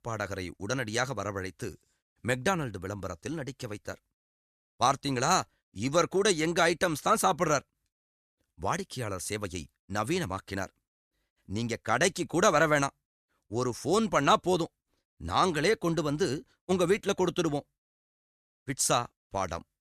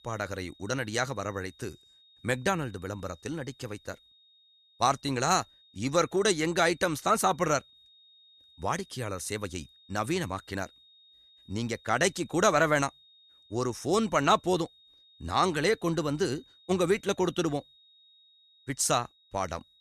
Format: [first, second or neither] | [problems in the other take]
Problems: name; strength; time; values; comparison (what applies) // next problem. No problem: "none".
first | high-pitched whine; faint; throughout; 3.5 kHz, 30 dB below the speech